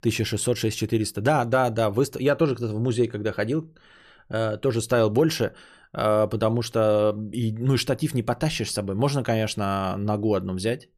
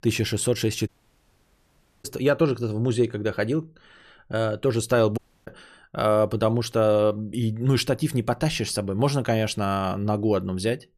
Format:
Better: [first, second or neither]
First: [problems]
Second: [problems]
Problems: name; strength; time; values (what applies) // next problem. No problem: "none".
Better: first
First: none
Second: audio cutting out; at 1 s for 1 s and at 5 s